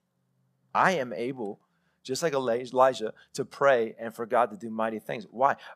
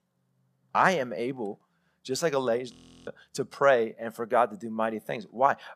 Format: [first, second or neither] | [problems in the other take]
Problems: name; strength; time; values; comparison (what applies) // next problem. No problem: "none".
first | audio freezing; at 2.5 s